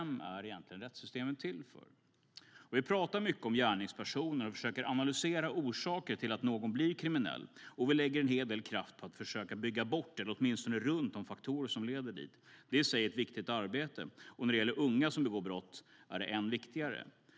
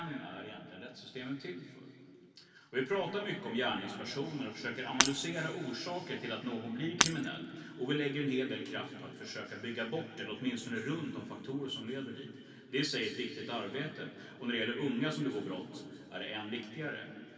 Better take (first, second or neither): first